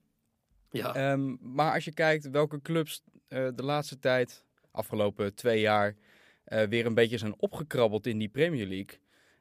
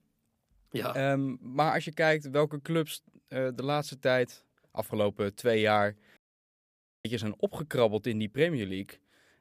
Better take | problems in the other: first | audio cutting out; at 6 s for 1 s

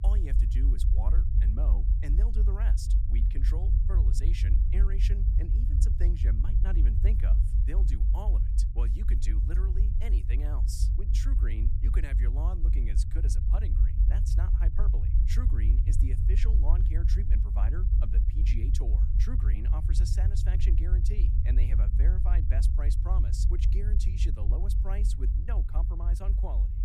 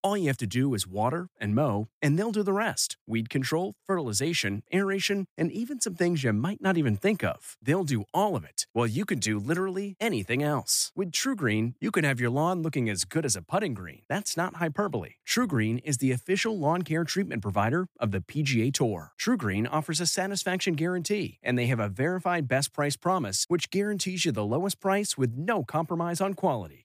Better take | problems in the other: second | low rumble; loud; throughout; 1 dB below the speech

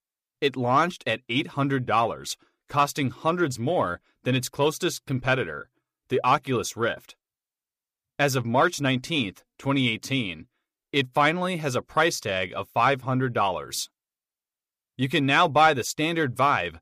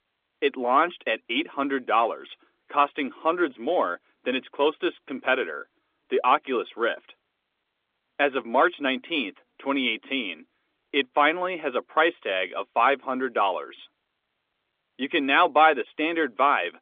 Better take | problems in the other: first | phone-call audio; nothing above 3.5 kHz

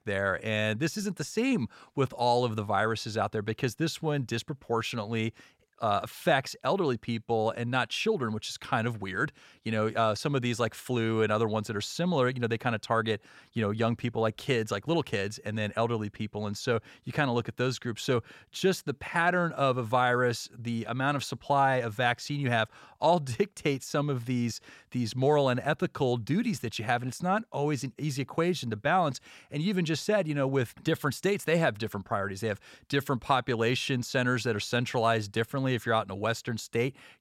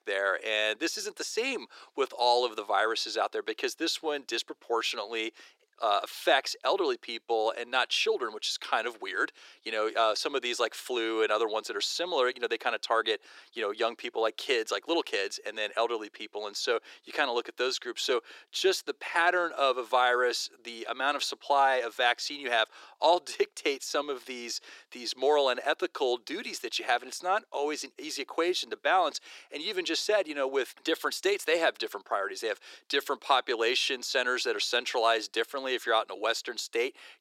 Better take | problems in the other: first | thin; very; fading below 350 Hz

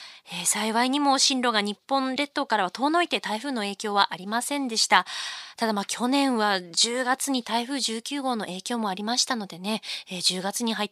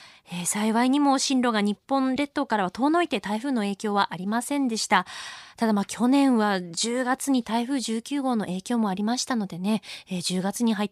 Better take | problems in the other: second | thin; very slightly; fading below 1 kHz

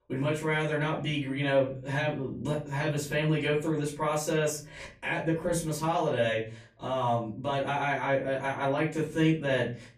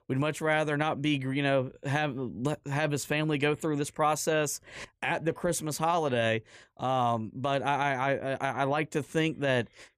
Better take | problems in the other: second | off-mic speech; far // room echo; slight; dies away in 0.4 s

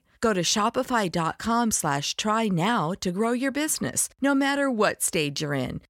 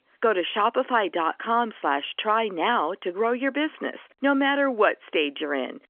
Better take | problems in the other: first | phone-call audio; nothing above 3.5 kHz

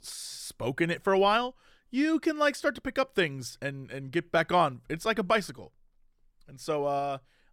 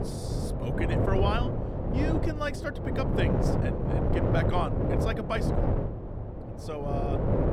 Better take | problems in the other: first | wind noise on the microphone; heavy; as loud as the speech

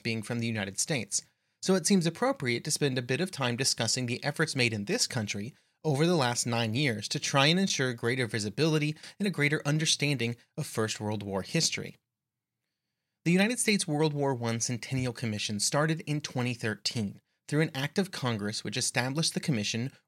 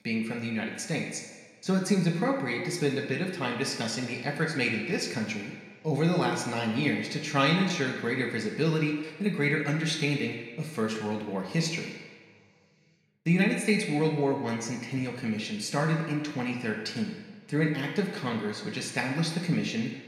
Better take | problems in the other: first | room echo; noticeable; dies away in 1.6 s // off-mic speech; somewhat distant

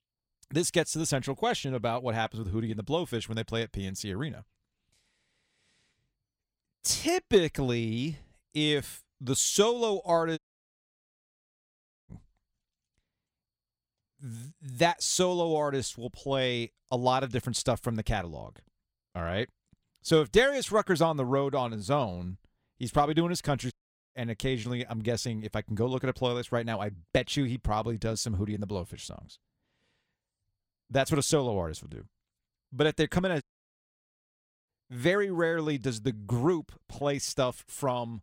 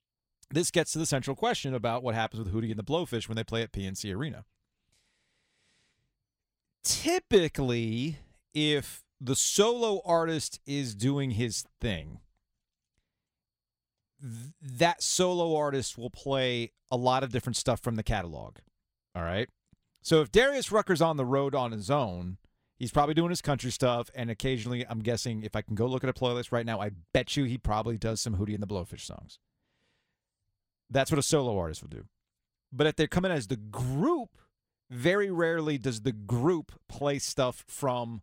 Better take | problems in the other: second | audio cutting out; at 10 s for 1.5 s, at 24 s and at 33 s for 1.5 s

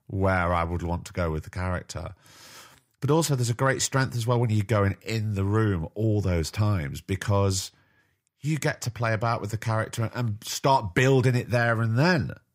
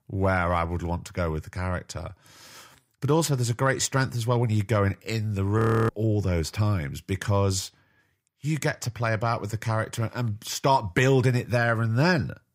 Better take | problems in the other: first | audio freezing; at 5.5 s

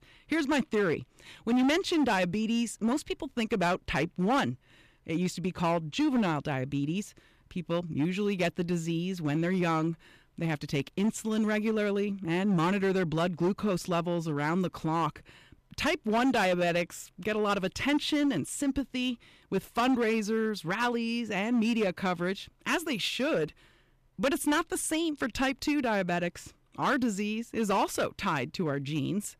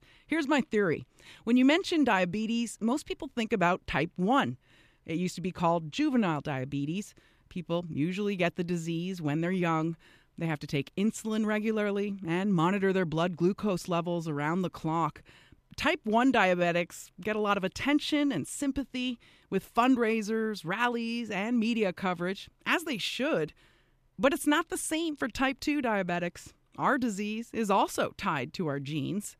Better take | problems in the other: second | distortion; slight; 8% of the sound clipped

